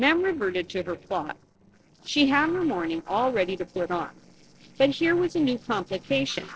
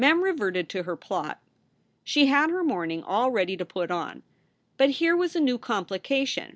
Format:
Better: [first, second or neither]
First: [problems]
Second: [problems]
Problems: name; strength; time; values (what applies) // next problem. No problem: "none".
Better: second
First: noise reduction (neural separator model SepFormer DNS4)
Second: none